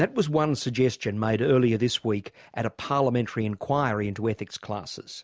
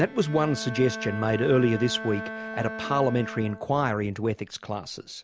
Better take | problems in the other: first | background sound (Bowed string instrument); 12 dB below the speech

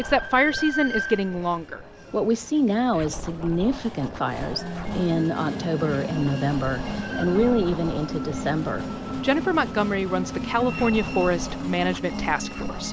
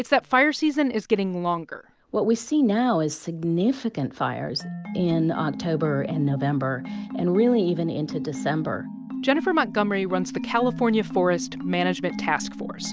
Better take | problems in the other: second | background sound (Scratching (performance technique) + Train); 9 dB below the speech

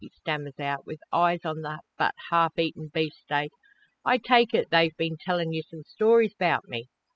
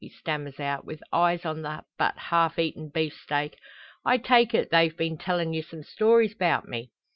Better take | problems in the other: second | noise reduction (classical method spectral subtraction)

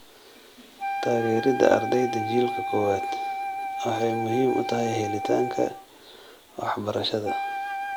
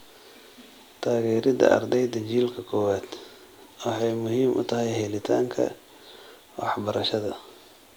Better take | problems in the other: second | background sound (Wind instrument, woodwind instrument); 5 dB below the speech

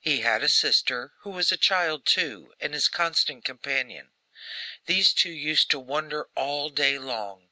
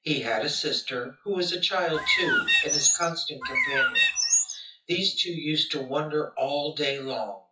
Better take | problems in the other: first | noise reduction (classical method WPE with log-MMSE)

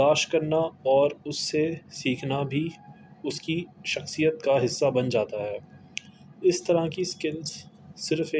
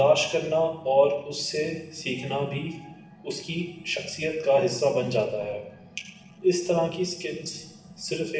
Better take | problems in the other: first | room echo; dies away in 0.8 s

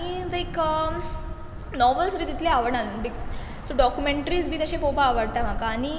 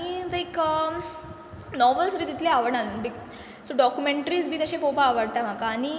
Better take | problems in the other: second | background sound (Traffic noise, roadway noise / Bus); 6 dB below the speech

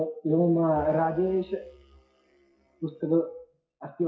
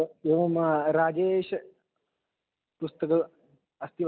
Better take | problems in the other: second | noise reduction (classical method WPE with log-MMSE)

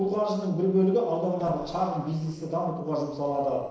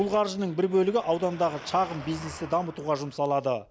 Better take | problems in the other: second | noise reduction (neural separator model SepFormer DNS4)

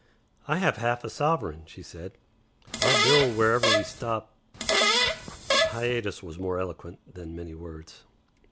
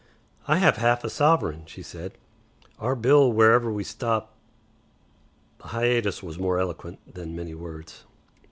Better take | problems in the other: second | background sound (Fart); 5 dB above the speech

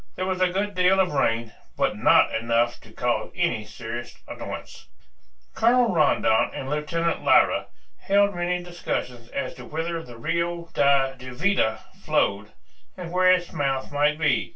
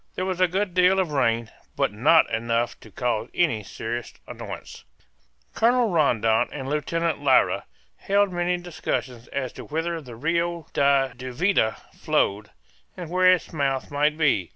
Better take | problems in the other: second | room echo; dies away in 0.2 s

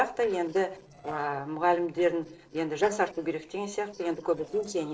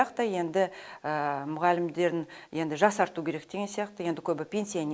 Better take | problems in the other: second | noise reduction (neural separator model SepFormer DNS4)

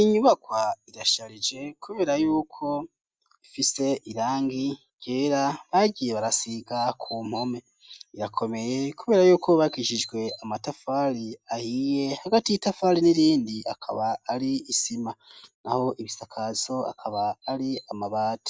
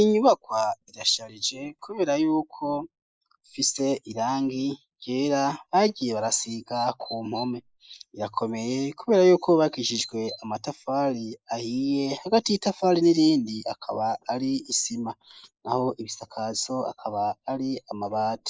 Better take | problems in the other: first | noise reduction (neural mask model Resemble Enhance denoiser)

